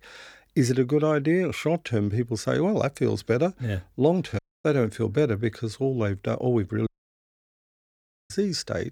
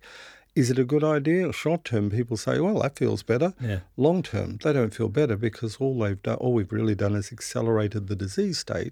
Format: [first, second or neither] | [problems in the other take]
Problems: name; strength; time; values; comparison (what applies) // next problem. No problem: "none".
second | audio cutting out; at 4.5 s and at 7 s for 1.5 s